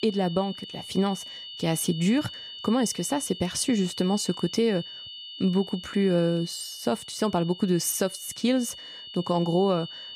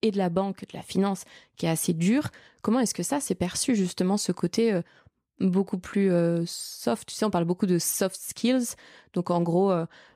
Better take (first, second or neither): second